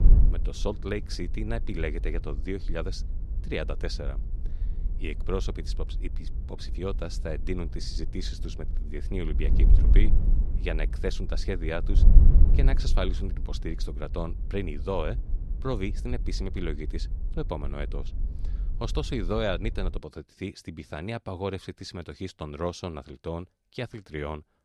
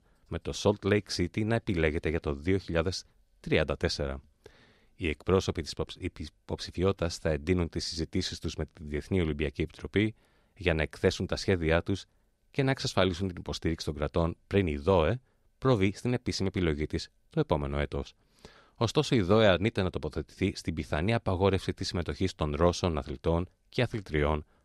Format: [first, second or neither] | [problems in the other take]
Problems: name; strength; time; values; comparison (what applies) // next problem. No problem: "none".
second | wind noise on the microphone; occasional gusts; until 20 s; 10 dB below the speech